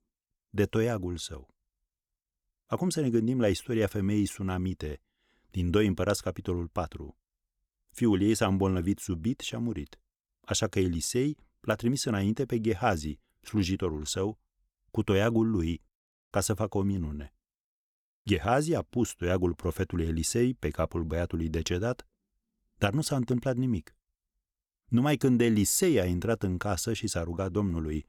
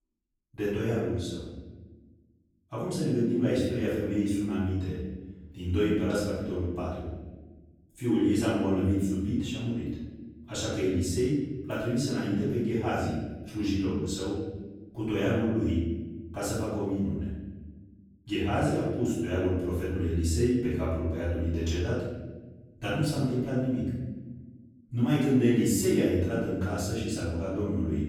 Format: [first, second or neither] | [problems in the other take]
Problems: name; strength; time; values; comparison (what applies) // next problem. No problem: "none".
first | off-mic speech; far // room echo; strong; dies away in 1.3 s